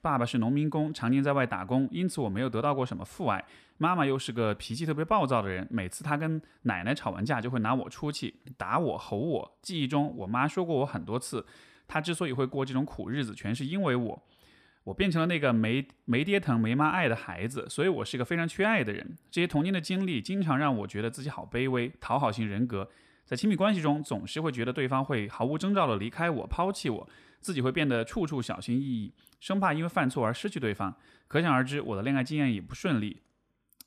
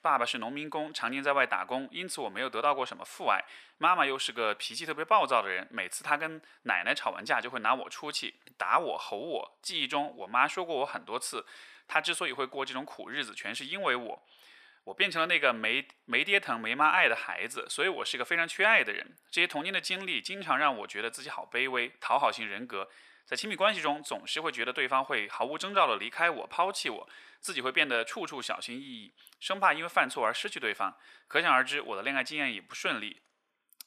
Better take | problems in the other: first | thin; very; fading below 600 Hz

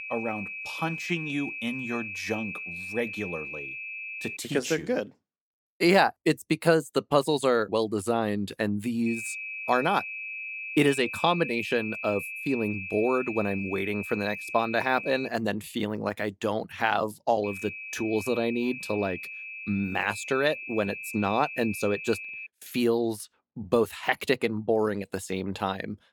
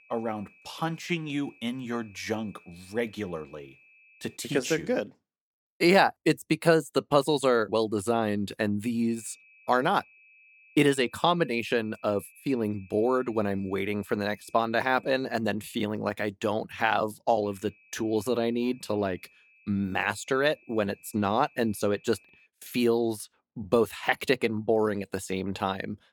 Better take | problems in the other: second | high-pitched whine; loud; until 4.5 s, from 9 to 15 s and from 17 to 22 s; 2.5 kHz, 7 dB below the speech; faint in the second

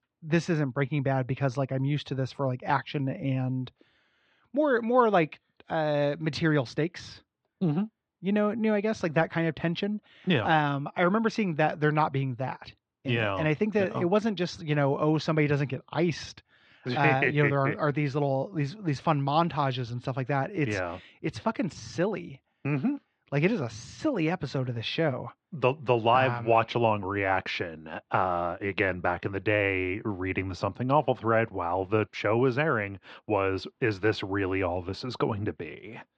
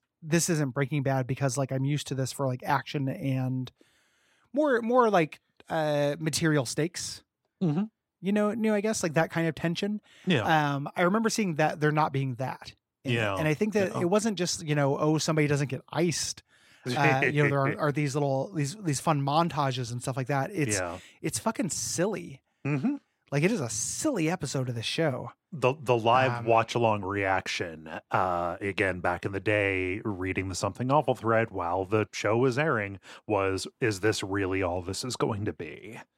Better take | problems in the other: second | muffled; slightly; fading above 4 kHz

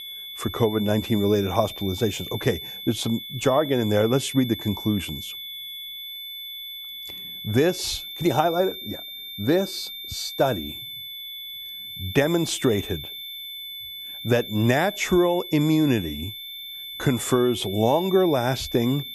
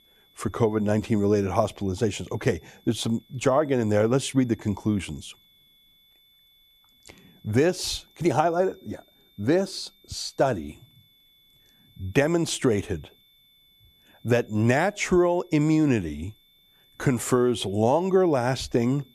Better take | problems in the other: second | high-pitched whine; loud; throughout; 3.5 kHz, 10 dB below the speech; faint in the second

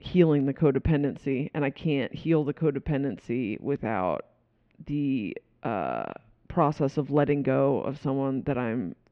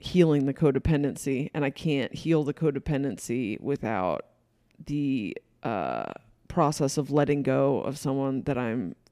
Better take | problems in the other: second | muffled; very; fading above 3 kHz

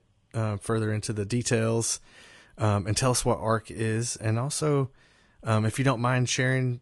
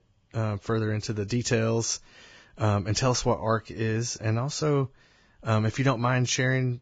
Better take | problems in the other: first | garbled, watery; badly; nothing above 7.5 kHz; slightly in the first

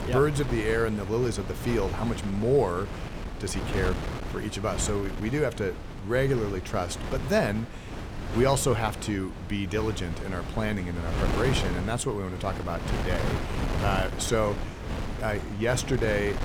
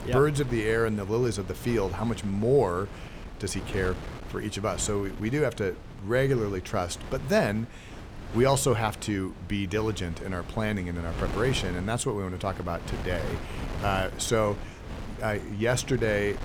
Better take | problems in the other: second | wind noise on the microphone; heavy; 8 dB below the speech; occasional gusts in the second

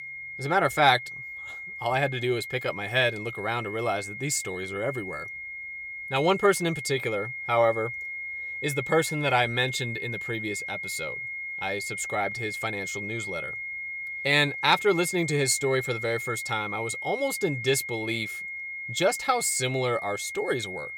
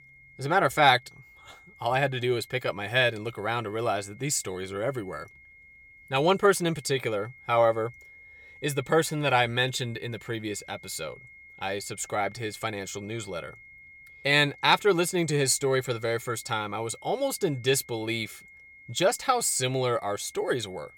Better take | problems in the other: second | high-pitched whine; loud; throughout; 2 kHz, 7 dB below the speech; faint in the second

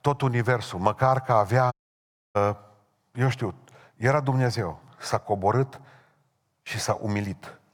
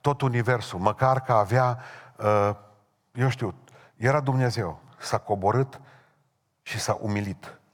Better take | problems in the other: second | audio cutting out; at 1.5 s for 0.5 s

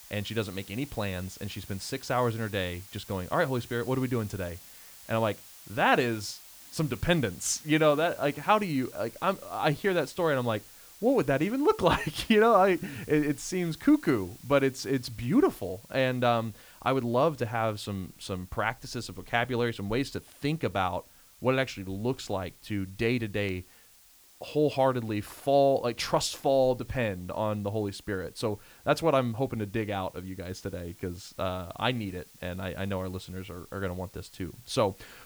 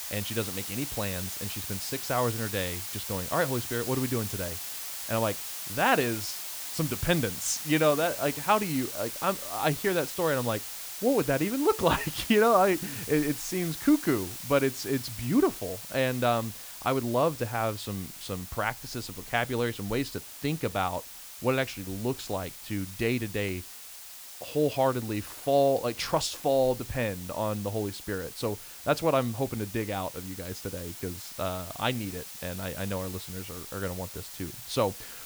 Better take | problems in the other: first | hiss; loud; throughout; 8 dB below the speech; faint in the first

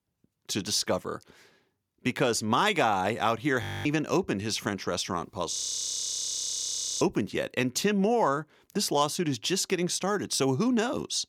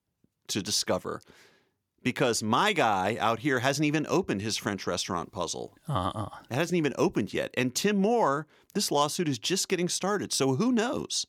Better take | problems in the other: second | audio freezing; at 3.5 s and at 5.5 s for 1.5 s

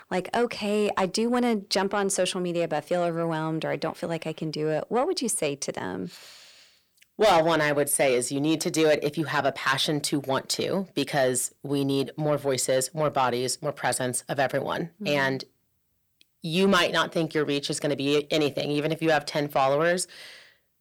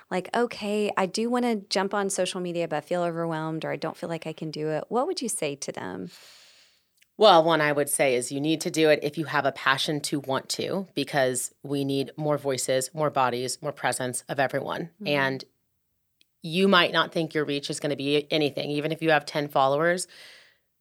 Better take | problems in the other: second | distortion; slight; 10 dB below the speech

